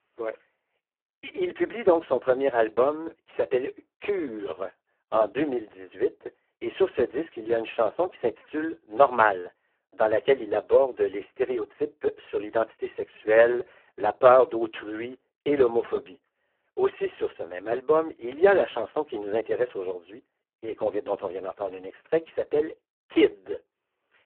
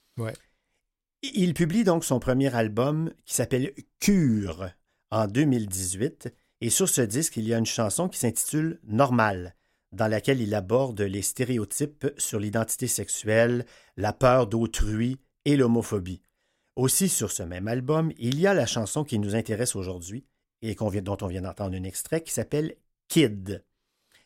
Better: second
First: phone-call audio; poor line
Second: none

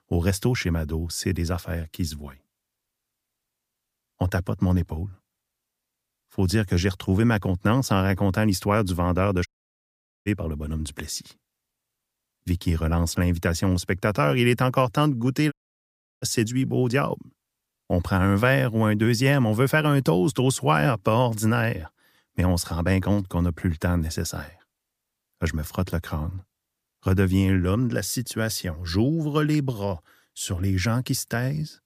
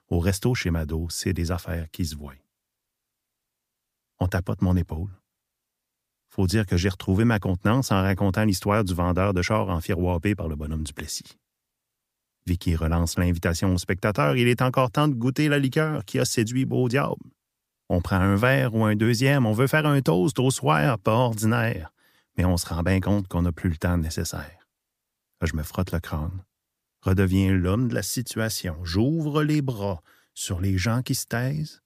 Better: second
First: audio cutting out; at 9.5 s for 1 s and at 16 s for 0.5 s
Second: none

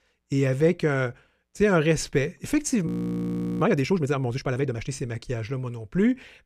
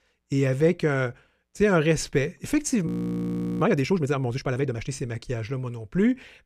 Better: neither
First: audio freezing; at 3 s for 0.5 s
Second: audio freezing; at 3 s for 0.5 s

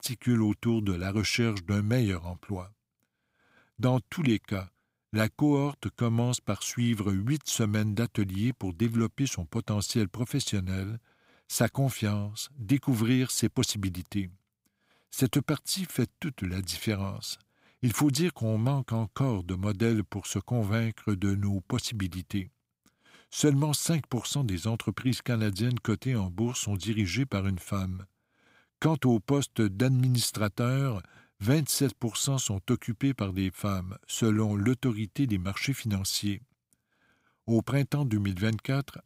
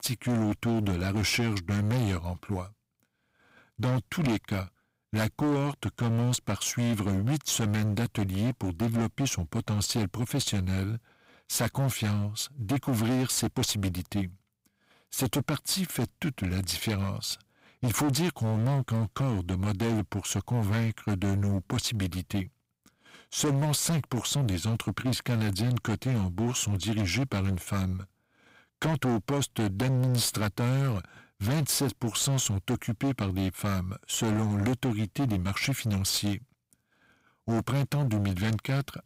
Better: first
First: none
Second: distortion; heavy; 18% of the sound clipped

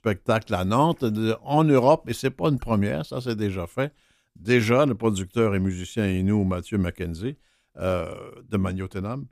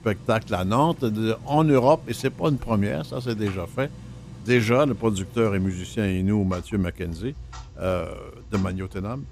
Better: first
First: none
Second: household noises; noticeable; throughout; 20 dB below the speech

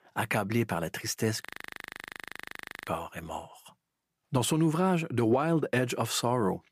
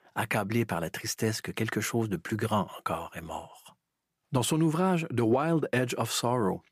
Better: second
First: audio freezing; at 1.5 s for 1.5 s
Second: none

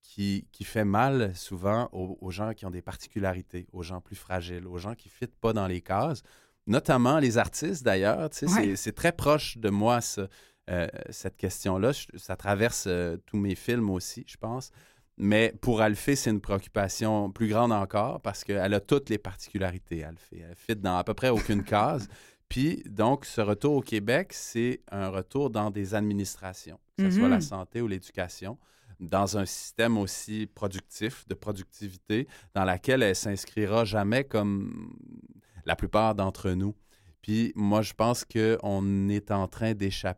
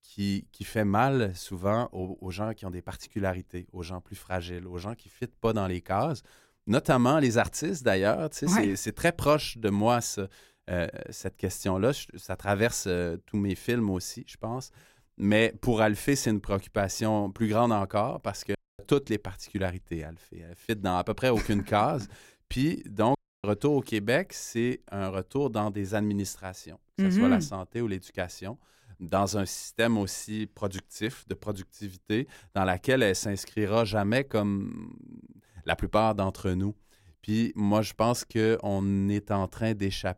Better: first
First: none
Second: audio cutting out; at 19 s and at 23 s

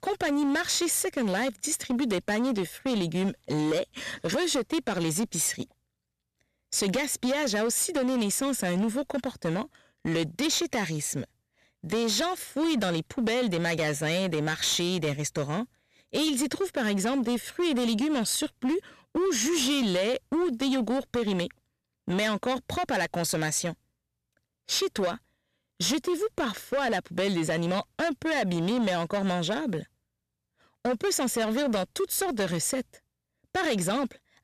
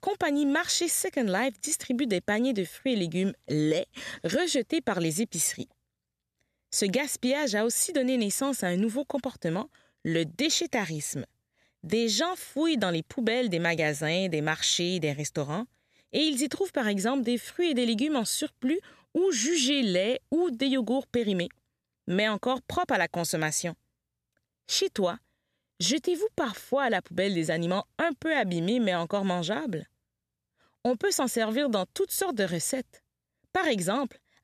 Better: second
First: distortion; slight; 15% of the sound clipped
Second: none

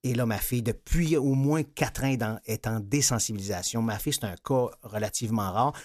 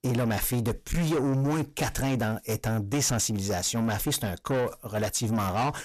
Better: first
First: none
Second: distortion; heavy; 8 dB below the speech

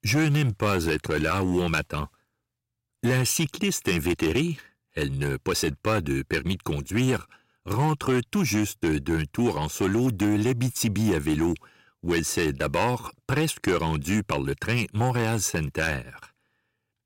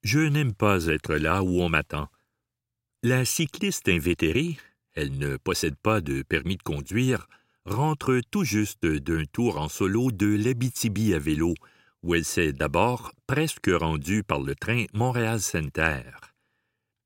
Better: second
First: distortion; slight; 6% of the sound clipped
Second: none

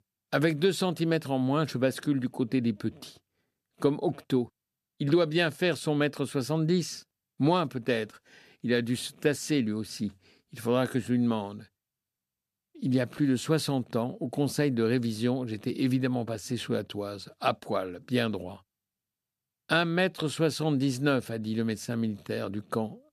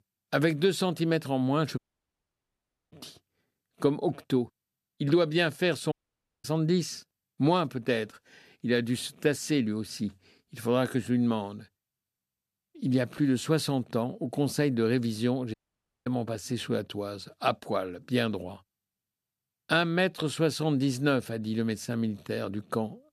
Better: first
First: none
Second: audio cutting out; at 2 s for 1 s, at 6 s for 0.5 s and at 16 s for 0.5 s

